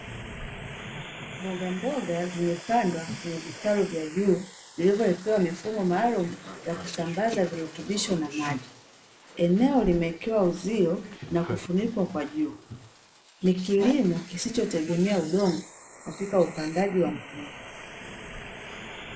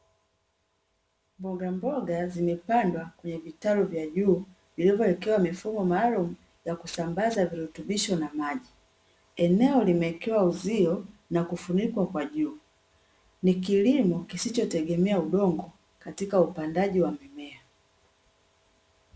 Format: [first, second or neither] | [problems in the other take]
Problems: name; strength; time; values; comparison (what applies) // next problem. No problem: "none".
second | noise reduction (neural mask model Resemble Enhance denoiser)